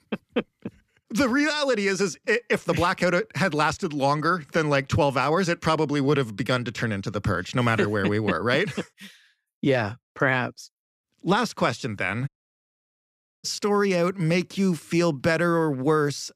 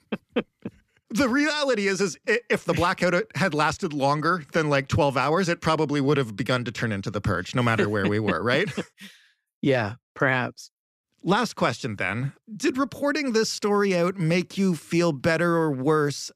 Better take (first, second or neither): second